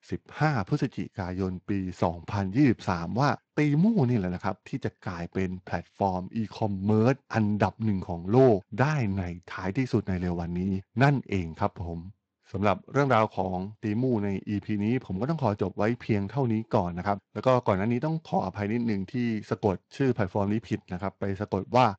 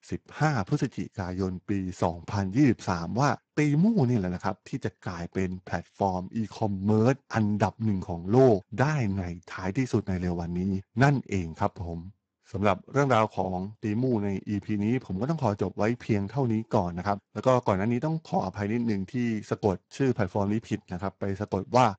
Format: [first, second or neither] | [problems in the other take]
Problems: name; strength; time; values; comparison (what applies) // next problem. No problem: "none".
first | garbled, watery; badly; nothing above 7.5 kHz; slightly in the first